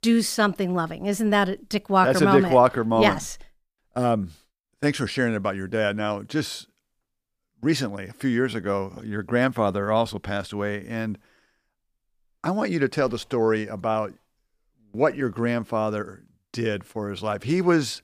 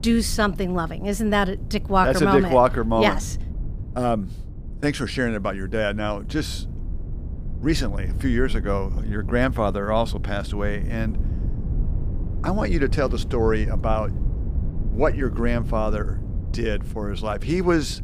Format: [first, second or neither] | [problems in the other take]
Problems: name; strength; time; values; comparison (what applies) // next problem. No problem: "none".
first | low rumble; noticeable; throughout; 20 dB below the speech